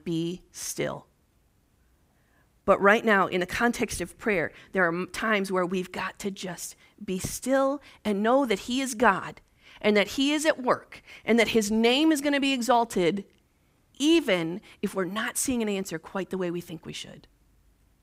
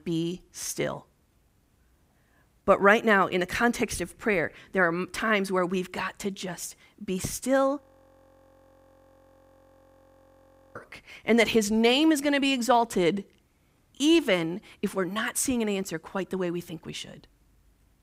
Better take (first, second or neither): first